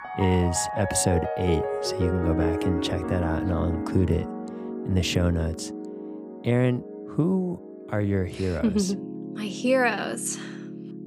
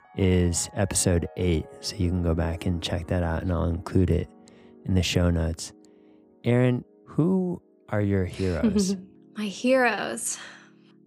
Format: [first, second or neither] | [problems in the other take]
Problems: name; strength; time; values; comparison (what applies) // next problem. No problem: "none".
second | background music; loud; throughout; 6 dB below the speech; faint in the second